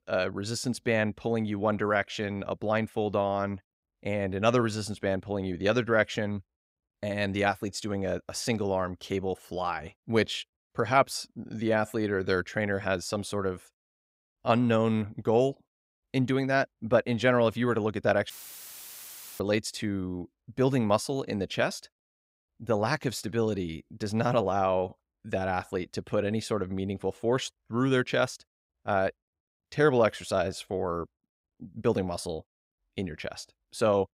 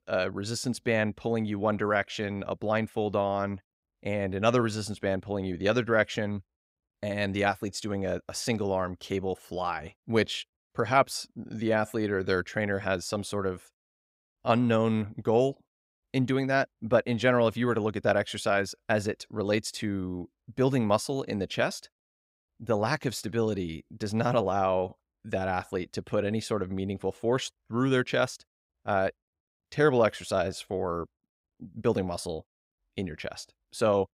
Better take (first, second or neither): second